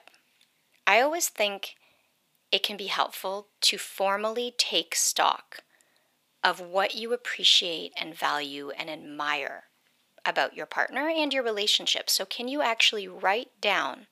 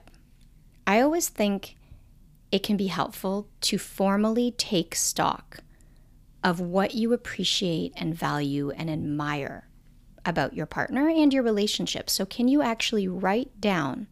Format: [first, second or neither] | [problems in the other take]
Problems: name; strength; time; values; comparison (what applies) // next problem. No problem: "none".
second | thin; very; fading below 650 Hz